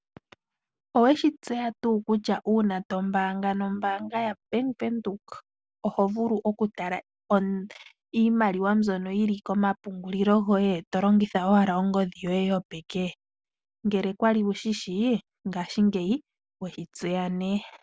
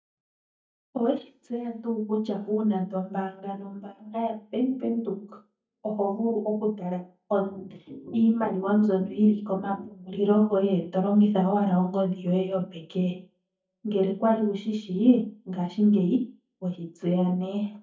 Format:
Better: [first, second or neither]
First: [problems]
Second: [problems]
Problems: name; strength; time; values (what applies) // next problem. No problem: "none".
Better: first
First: none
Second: noise reduction (neural mask model DeepFilterNet 3)